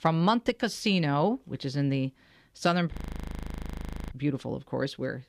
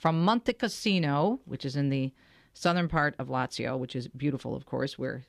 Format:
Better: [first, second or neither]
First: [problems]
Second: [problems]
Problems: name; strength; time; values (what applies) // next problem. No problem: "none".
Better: second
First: audio freezing; at 3 s for 1 s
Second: none